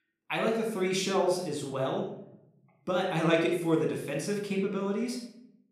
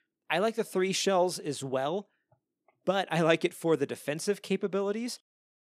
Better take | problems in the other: second | off-mic speech; somewhat distant // room echo; noticeable; dies away in 0.7 s

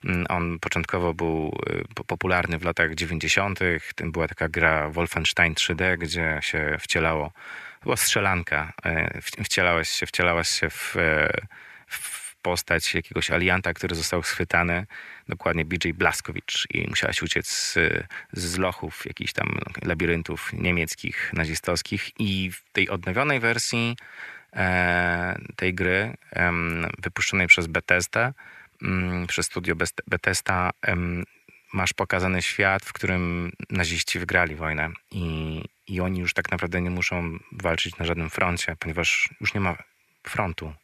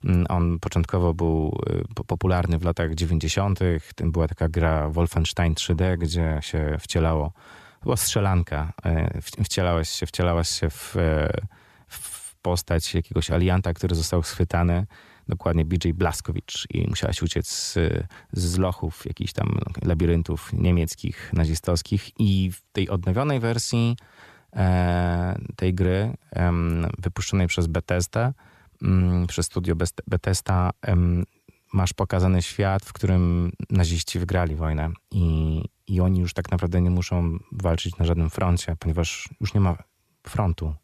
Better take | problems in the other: second | thin; somewhat; fading below 300 Hz

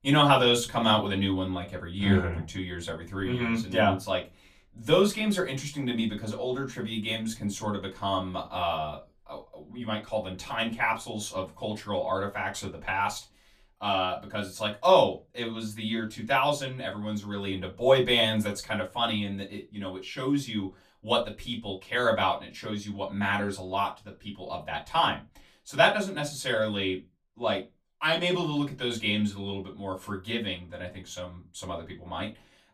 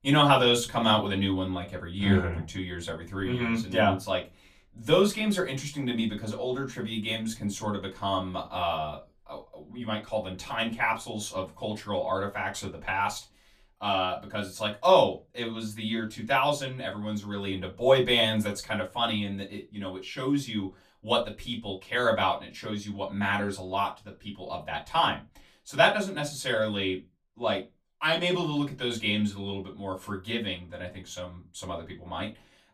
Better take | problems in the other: neither | off-mic speech; far; the same in both // room echo; very slight; dies away in 0.2 s; the same in both

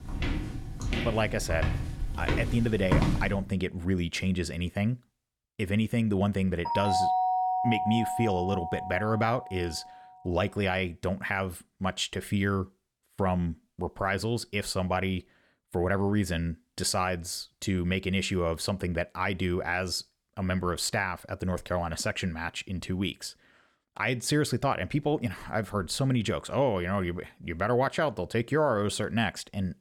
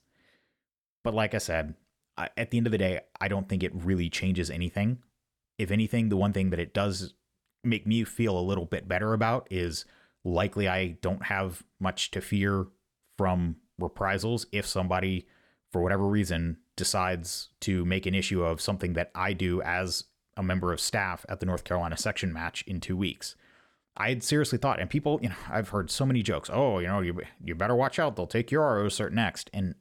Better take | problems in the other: second | footsteps; loud; until 3.5 s; peak 4 dB above the speech // doorbell; loud; from 6.5 to 9.5 s; peak 4 dB above the speech

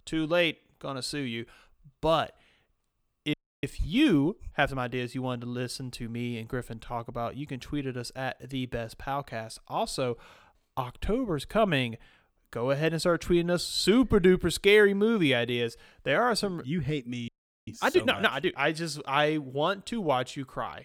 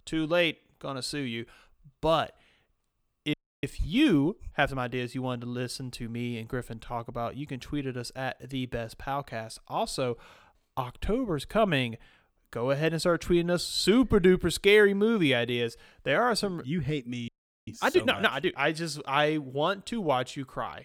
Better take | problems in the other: neither | audio freezing; at 3.5 s and at 17 s; the same in both

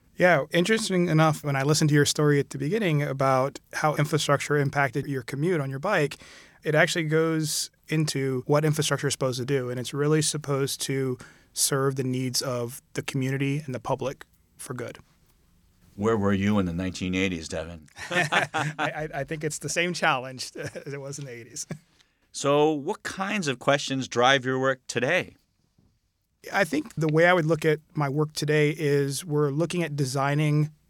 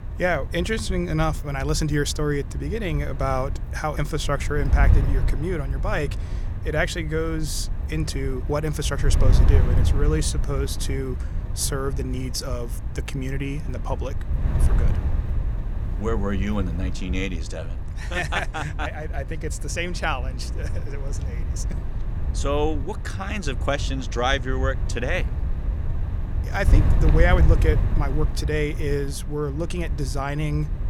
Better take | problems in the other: first | wind noise on the microphone; occasional gusts; 10 dB below the speech

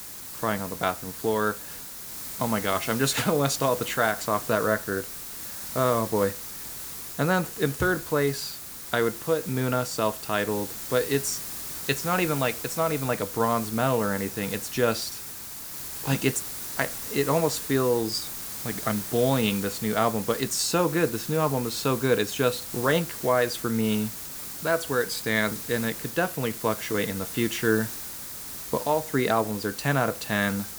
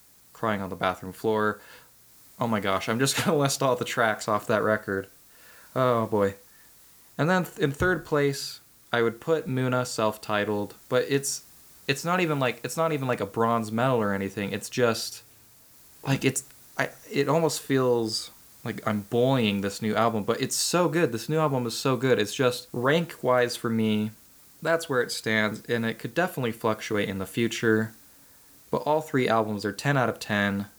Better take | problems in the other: second | hiss; loud; throughout; 6 dB below the speech; faint in the second

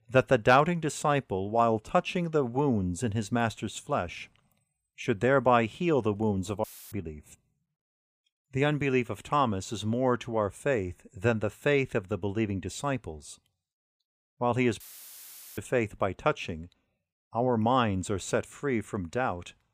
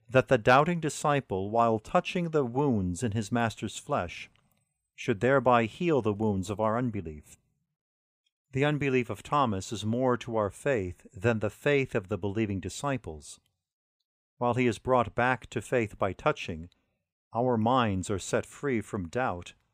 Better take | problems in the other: second | audio cutting out; filled with static; at 6.5 s and at 15 s for 1 s

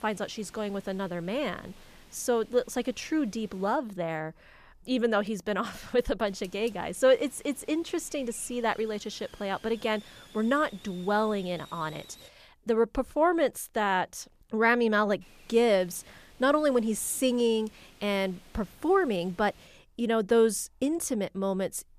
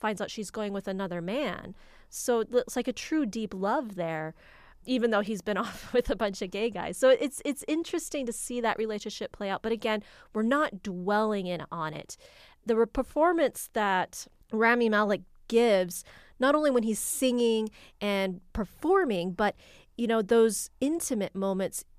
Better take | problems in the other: second | hiss; faint; until 4 s, from 6.5 to 12 s and from 15 to 20 s; 25 dB below the speech

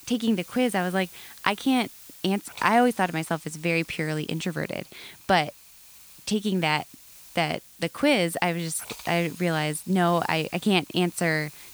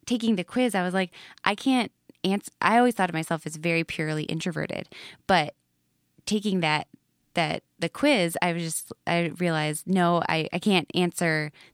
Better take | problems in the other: second | hiss; noticeable; throughout; 20 dB below the speech

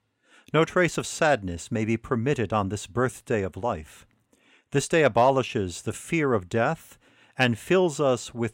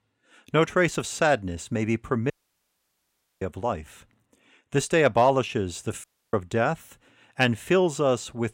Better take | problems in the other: first | audio cutting out; at 2.5 s for 1 s and at 6 s

